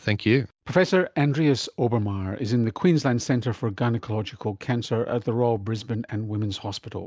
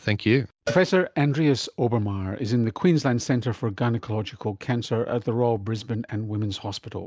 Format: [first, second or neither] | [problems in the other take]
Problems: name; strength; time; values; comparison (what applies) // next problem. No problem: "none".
first | background sound (Cowbell); 16 dB below the speech